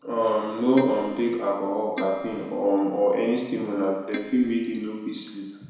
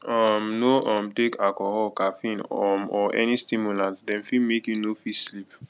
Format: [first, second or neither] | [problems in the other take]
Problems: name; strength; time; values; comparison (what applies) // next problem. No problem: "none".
second | background sound (Keyboard (musical)); 14 dB below the speech // room echo; dies away in 1 s